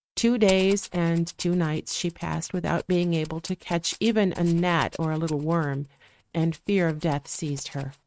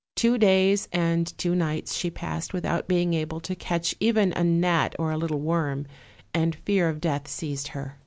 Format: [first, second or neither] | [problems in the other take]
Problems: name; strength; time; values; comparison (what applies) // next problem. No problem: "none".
second | noise reduction (neural mask model RNNoise)